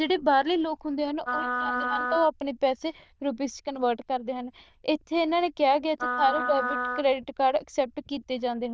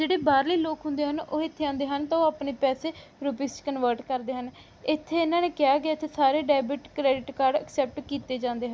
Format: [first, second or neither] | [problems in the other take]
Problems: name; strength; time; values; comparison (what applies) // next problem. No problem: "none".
second | noise reduction (neural diffusion model UNIVERSE++)